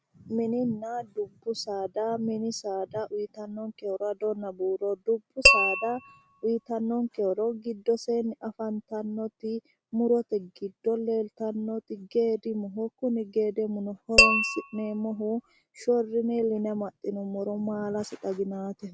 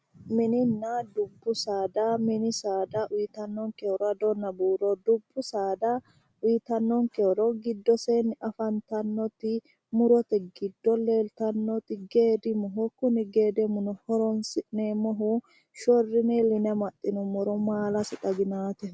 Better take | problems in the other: second | background sound (Tap / Glass); 5 dB above the speech

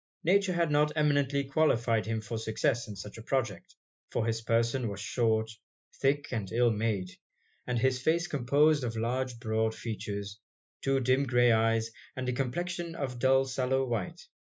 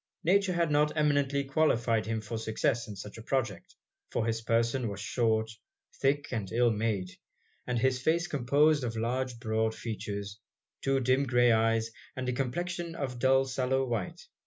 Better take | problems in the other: second | noise reduction (neural mask model Resemble Enhance denoiser)

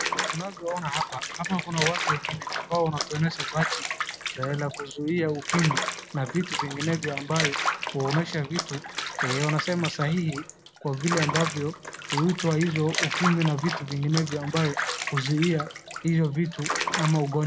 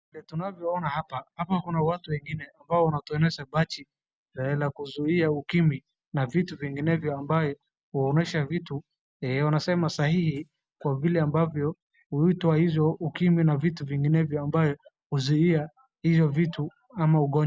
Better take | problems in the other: second | background sound (Bathtub (filling or washing) / Water); 4 dB below the speech

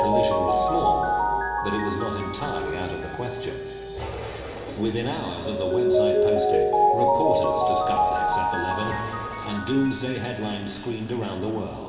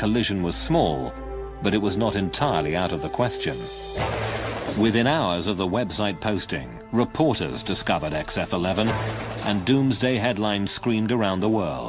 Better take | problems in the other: second | background sound (Mallet percussion); 4 dB above the speech // room echo; dies away in 2.3 s

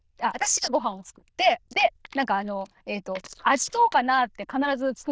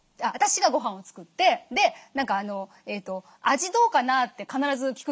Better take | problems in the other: second | noise reduction (neural diffusion model UNIVERSE++)

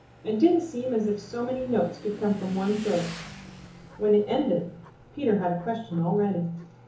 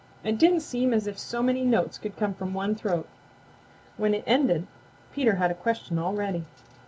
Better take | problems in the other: second | background sound (Motorcycle / Engine); 20 dB below the speech // room echo; dies away in 0.8 s

